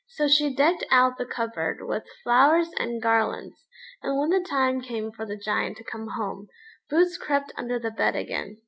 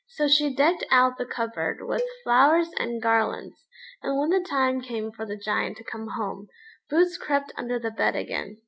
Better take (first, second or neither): first